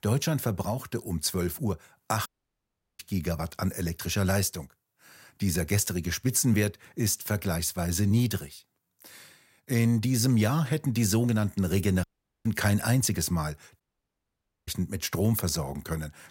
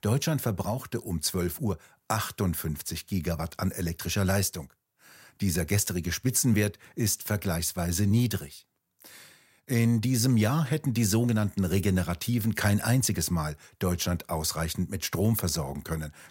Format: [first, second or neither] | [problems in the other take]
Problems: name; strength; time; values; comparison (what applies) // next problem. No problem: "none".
second | audio cutting out; at 2.5 s for 0.5 s, at 12 s and at 14 s for 1 s